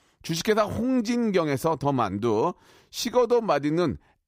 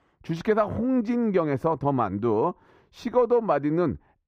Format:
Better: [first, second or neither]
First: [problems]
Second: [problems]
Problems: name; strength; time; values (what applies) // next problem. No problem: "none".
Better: first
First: none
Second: muffled; very; fading above 3 kHz